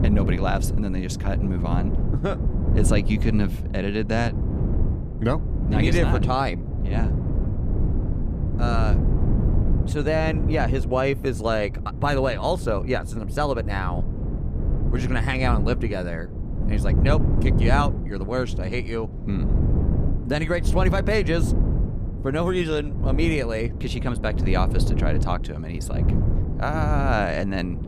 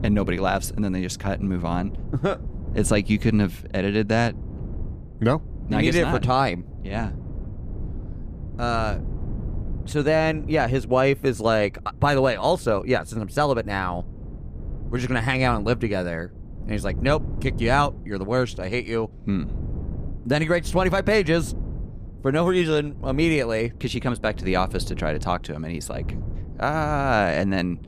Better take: second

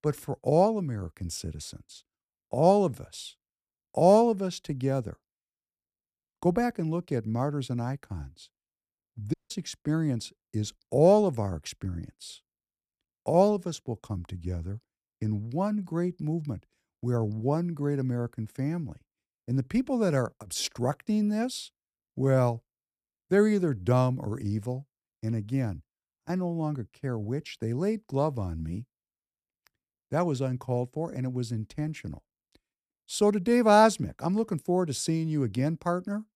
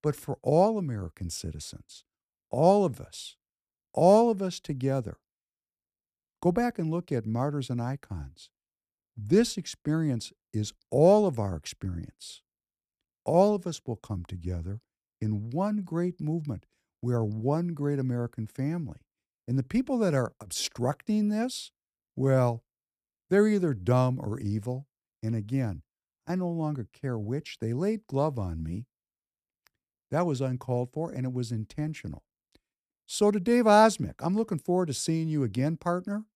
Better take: second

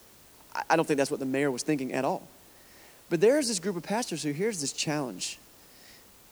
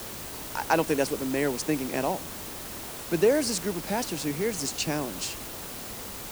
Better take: first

